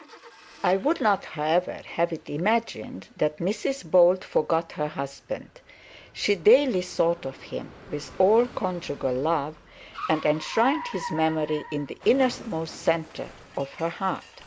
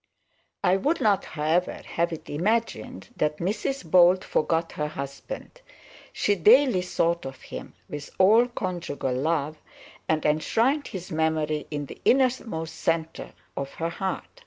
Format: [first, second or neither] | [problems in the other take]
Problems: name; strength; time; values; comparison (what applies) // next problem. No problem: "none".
second | background sound (Car); 18 dB below the speech